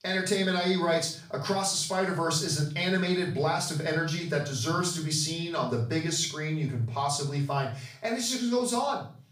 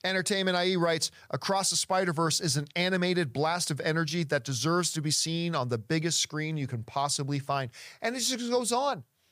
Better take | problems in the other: second | off-mic speech; far // room echo; noticeable; dies away in 0.4 s

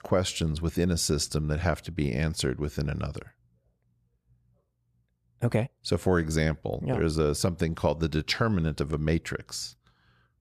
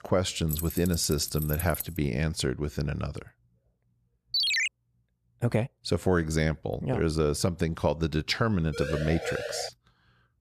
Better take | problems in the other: first | jangling keys; noticeable; until 2 s; peak 6 dB below the speech // phone ringing; loud; at 4.5 s; peak 5 dB above the speech // siren; noticeable; at 8.5 s; peak 5 dB below the speech

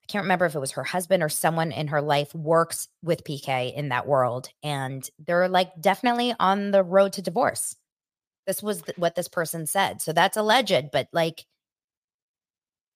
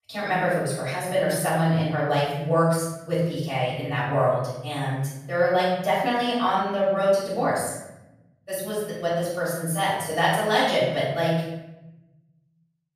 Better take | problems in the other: first | off-mic speech; far // room echo; noticeable; dies away in 1 s

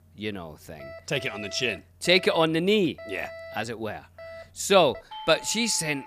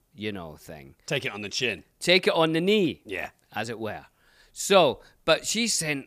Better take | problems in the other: second | alarms or sirens; noticeable; throughout; 20 dB below the speech

